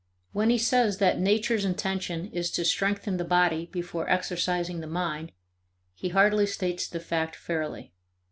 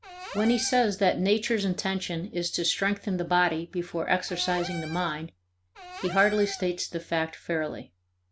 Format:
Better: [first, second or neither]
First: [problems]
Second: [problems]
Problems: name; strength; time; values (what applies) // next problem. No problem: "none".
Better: first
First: none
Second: background sound (Cupboard open or close / Door); 14 dB below the speech